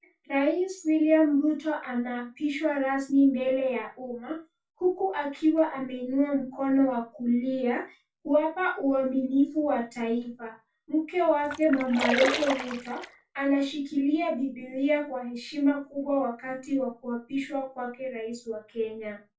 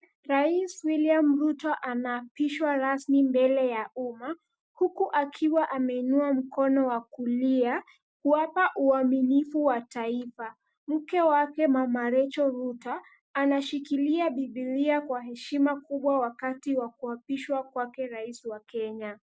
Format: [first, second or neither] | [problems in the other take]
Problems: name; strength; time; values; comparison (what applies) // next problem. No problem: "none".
second | background sound (Splash, splatter); 4 dB below the speech // room echo; dies away in 0.2 s